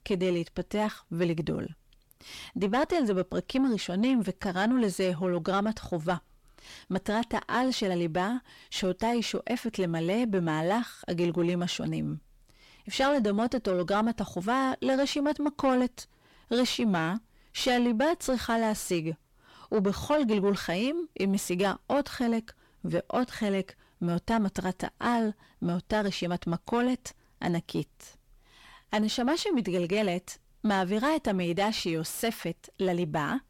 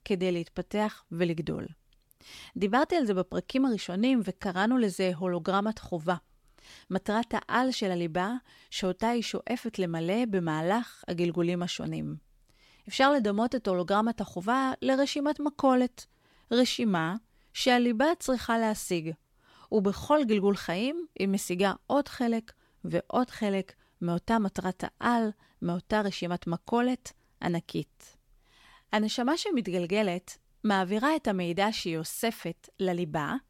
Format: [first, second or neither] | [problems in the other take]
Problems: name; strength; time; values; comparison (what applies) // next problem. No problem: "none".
second | distortion; slight; 10 dB below the speech